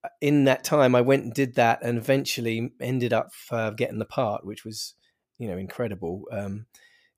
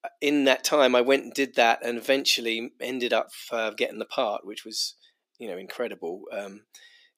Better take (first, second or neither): first